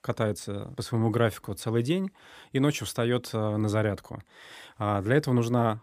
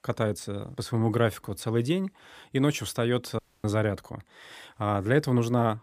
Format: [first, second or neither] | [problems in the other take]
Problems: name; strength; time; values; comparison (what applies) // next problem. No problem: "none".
first | audio cutting out; at 3.5 s